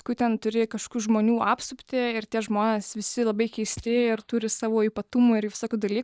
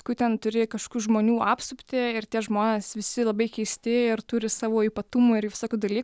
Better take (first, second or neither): second